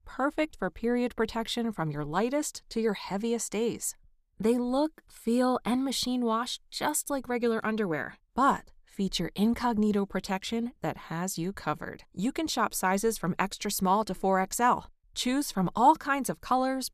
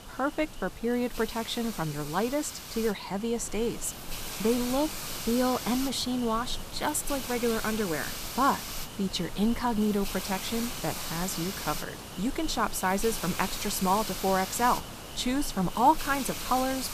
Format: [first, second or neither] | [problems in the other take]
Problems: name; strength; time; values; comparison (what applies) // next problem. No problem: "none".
first | hiss; loud; throughout; 7 dB below the speech